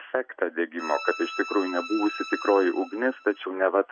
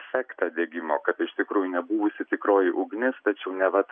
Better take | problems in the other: second | background sound (Bowed string instrument); 11 dB below the speech

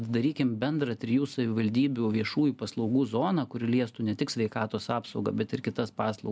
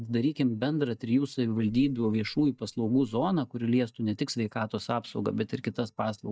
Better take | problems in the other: first | noise reduction (neural mask model DeepFilterNet 3)

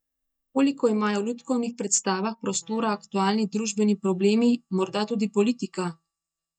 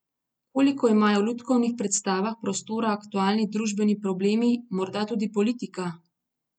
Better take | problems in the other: second | noise reduction (neural mask model DeepFilterNet 3)

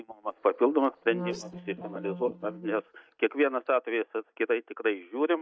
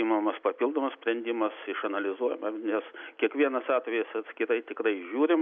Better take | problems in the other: second | noise reduction (neural mask model DeepFilterNet 3)

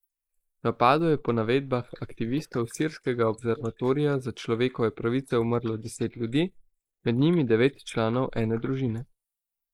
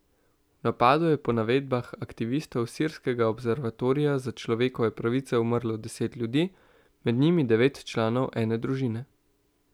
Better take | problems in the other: second | noise reduction (neural mask model Resemble Enhance denoiser)

